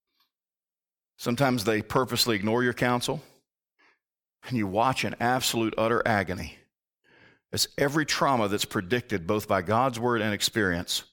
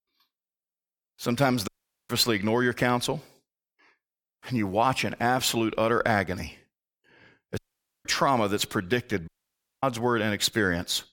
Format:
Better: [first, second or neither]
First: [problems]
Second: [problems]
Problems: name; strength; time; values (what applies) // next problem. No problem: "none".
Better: first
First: none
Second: audio cutting out; at 1.5 s, at 7.5 s and at 9.5 s for 0.5 s